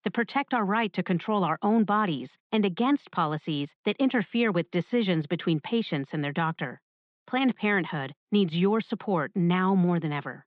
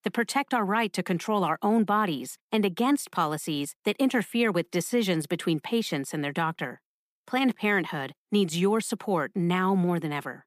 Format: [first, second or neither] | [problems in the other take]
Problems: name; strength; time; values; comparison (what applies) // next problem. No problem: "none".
second | muffled; slightly; fading above 3.5 kHz